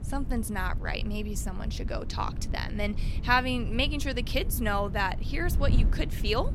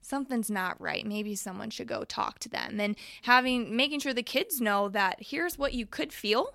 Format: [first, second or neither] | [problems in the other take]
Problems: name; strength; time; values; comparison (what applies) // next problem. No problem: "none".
second | wind noise on the microphone; occasional gusts; 15 dB below the speech